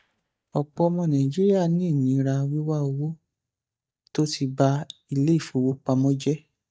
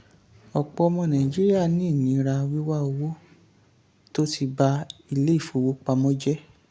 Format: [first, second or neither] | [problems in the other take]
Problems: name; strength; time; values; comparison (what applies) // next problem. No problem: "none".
second | noise reduction (neural mask model DeepFilterNet 3)